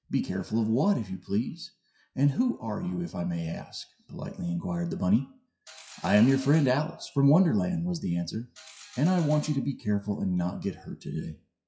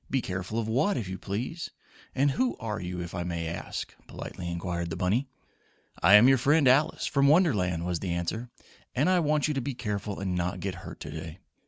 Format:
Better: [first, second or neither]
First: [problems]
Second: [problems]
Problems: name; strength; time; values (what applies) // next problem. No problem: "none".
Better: second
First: noise reduction (classical method WPE with log-MMSE)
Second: none